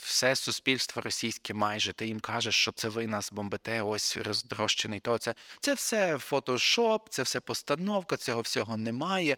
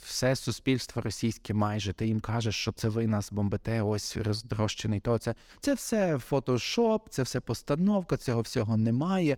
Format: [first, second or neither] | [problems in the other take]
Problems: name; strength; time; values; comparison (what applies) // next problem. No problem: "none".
second | thin; somewhat; fading below 650 Hz